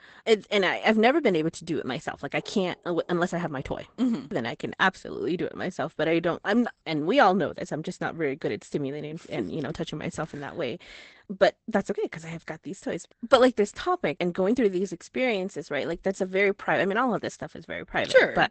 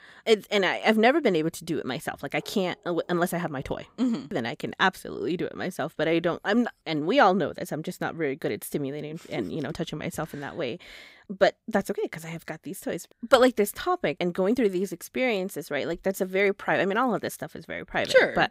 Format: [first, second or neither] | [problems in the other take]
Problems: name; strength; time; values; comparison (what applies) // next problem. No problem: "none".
second | garbled, watery; badly; nothing above 8 kHz